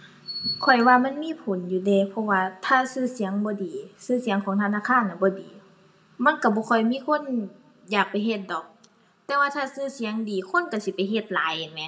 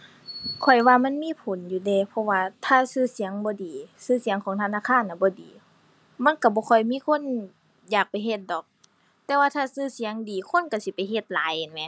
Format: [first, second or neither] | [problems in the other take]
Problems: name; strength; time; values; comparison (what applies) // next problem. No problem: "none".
second | room echo; dies away in 0.5 s